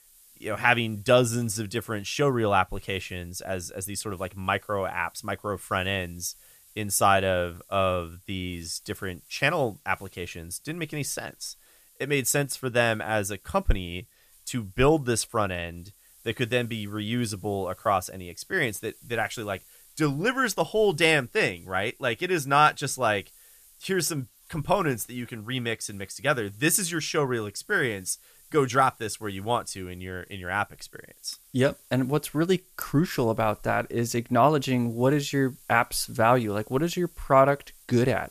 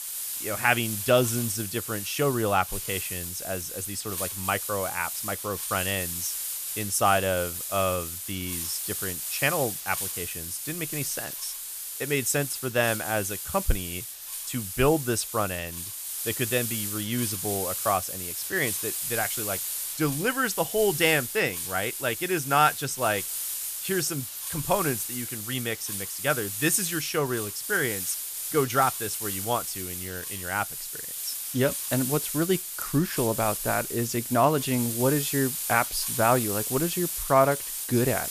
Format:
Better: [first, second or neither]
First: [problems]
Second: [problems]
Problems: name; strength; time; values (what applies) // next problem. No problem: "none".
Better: first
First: hiss; faint; throughout; 25 dB below the speech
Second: hiss; loud; throughout; 3 dB below the speech